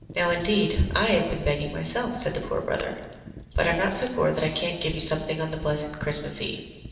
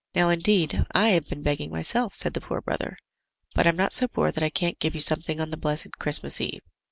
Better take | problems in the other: second | background sound (Fire); 16 dB below the speech // room echo; dies away in 1.1 s

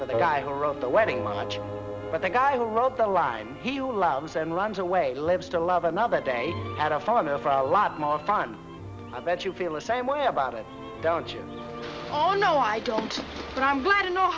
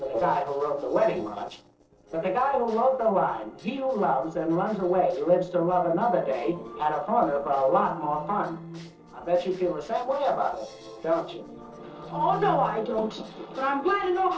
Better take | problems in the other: first | noise reduction (neural separator model SepFormer DNS4)

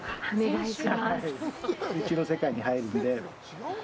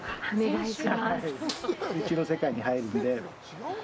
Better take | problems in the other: first | background sound (Snare drum); 15 dB below the speech

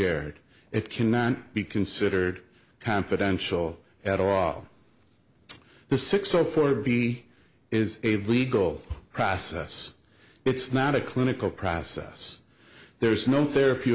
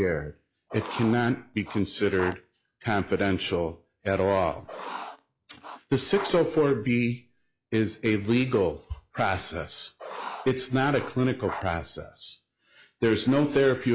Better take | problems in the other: first | noise reduction (classical method log-MMSE)

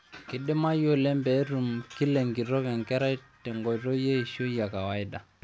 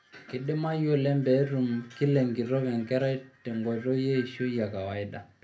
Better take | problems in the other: first | room echo; dies away in 0.3 s

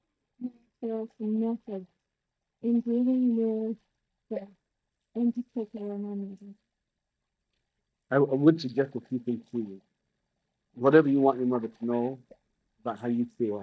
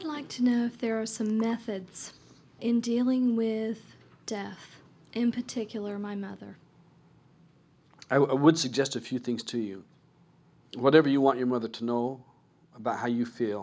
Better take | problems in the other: second | noise reduction (neural mask model DeepFilterNet 3)

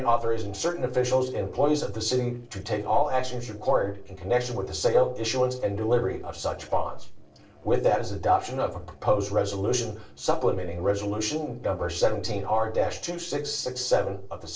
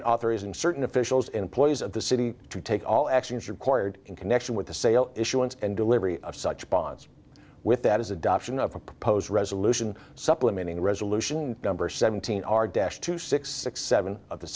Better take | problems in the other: second | noise reduction (neural separator model SepFormer DNS4)

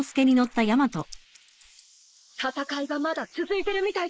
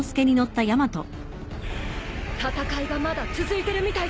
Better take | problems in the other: second | noise reduction (neural mask model Resemble Enhance denoiser)

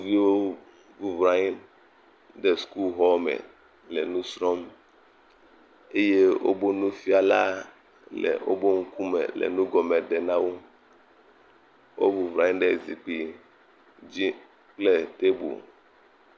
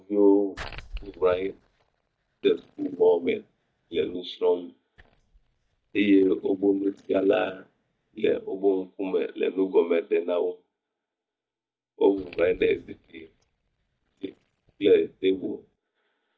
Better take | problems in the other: first | noise reduction (neural mask model DeepFilterNet 3)

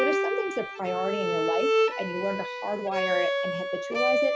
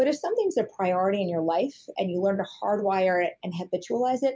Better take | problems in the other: second | background sound (Bowed string instrument); 4 dB above the speech

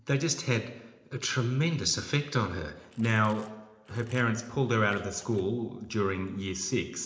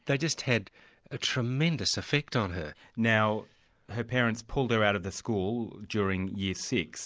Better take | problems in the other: second | noise reduction (neural separator model SepFormer DNS4)

